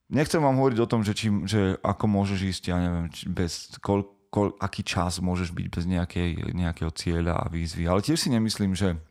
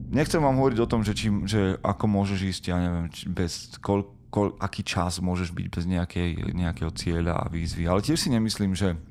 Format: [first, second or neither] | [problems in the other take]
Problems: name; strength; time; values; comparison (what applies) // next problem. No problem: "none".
first | low rumble; faint; throughout; 20 dB below the speech